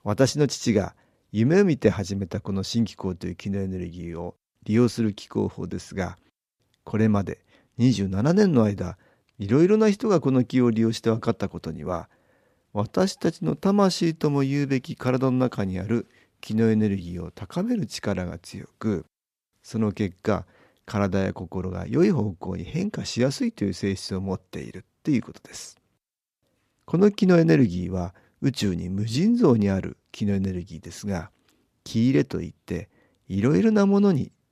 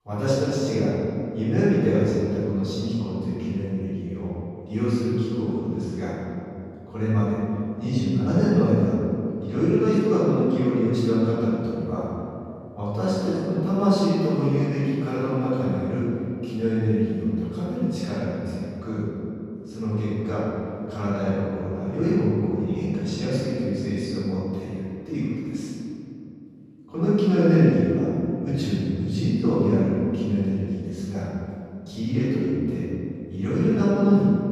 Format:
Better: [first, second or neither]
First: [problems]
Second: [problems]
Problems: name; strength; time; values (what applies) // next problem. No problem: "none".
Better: first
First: none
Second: off-mic speech; far // room echo; strong; dies away in 2.9 s